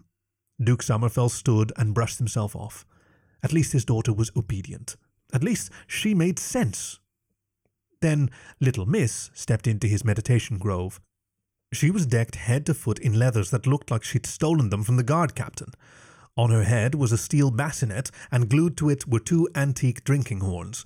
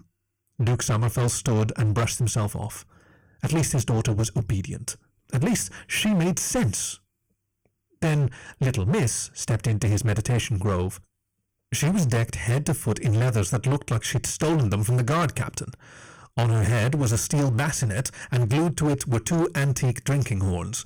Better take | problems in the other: first | distortion; heavy; 20% of the sound clipped

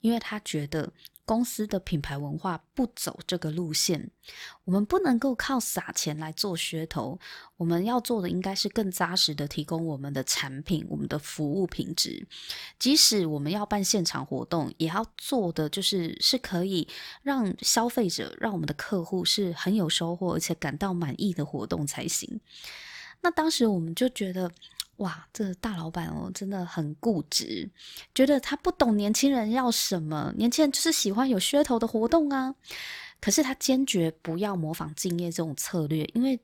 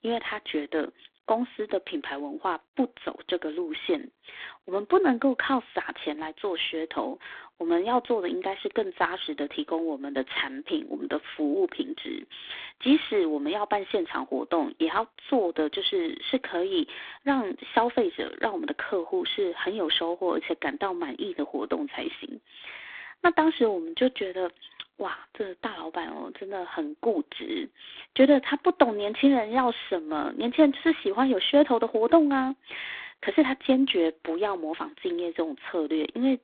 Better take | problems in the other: first | phone-call audio; poor line; nothing above 3.5 kHz

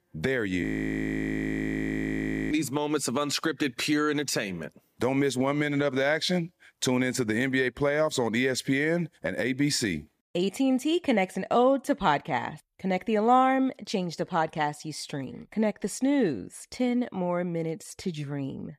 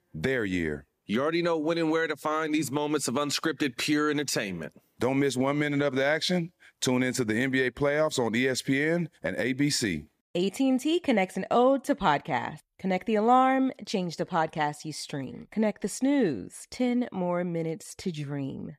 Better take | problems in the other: second | audio freezing; at 0.5 s for 2 s

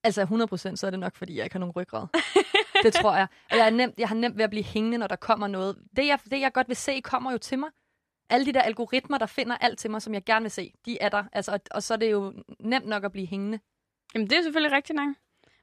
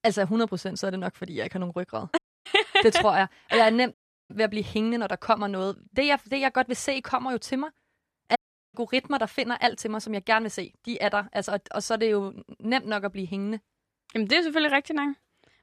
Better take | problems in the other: first | audio cutting out; at 2 s, at 4 s and at 8.5 s

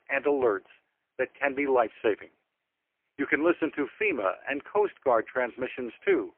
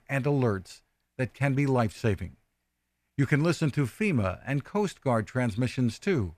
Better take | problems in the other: second | phone-call audio; poor line

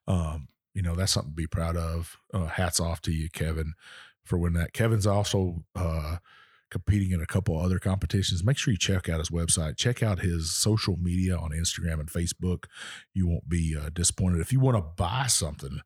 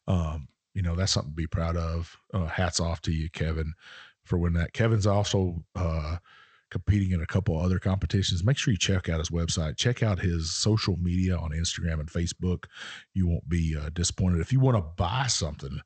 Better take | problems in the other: first | garbled, watery; slightly; nothing above 8 kHz

